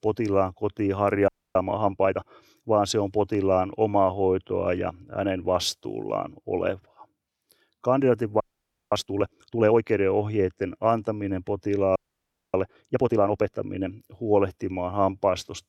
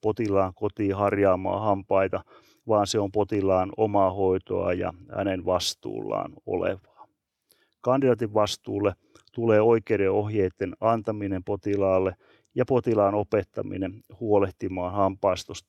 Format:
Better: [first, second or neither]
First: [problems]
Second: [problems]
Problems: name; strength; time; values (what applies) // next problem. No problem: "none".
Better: second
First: audio freezing; at 1.5 s, at 8.5 s for 0.5 s and at 12 s for 0.5 s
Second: none